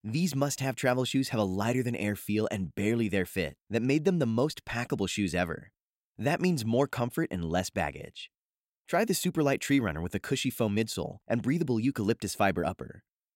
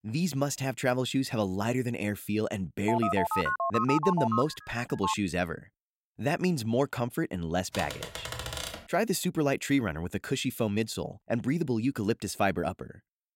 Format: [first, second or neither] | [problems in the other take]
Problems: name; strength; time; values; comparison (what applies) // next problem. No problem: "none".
first | phone ringing; loud; from 3 to 5 s; peak 1 dB above the speech // keyboard typing; noticeable; from 7.5 to 9 s; peak 5 dB below the speech